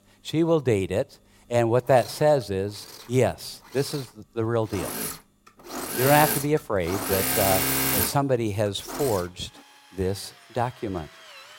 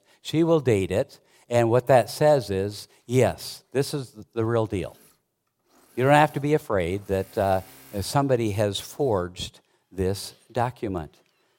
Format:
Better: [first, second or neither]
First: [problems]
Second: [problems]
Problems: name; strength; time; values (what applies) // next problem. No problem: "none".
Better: second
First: machinery noise; loud; throughout; 1 dB below the speech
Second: machinery noise; faint; throughout; 25 dB below the speech